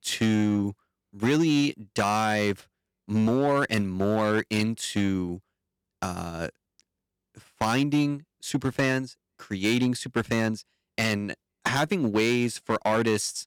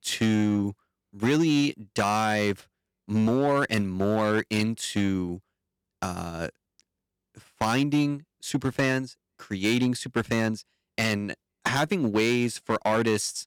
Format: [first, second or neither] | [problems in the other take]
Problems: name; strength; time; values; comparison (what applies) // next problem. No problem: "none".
neither | distortion; slight; 4% of the sound clipped; the same in both